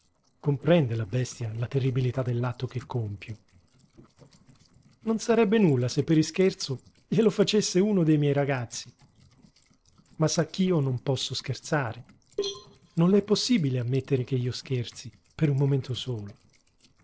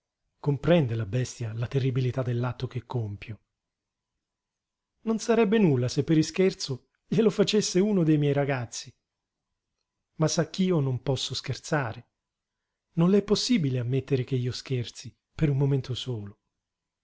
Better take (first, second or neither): second